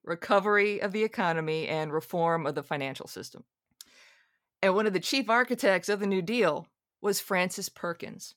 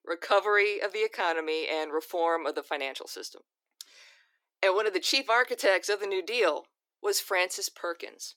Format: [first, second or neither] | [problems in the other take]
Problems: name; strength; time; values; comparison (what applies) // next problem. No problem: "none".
first | thin; very; fading below 300 Hz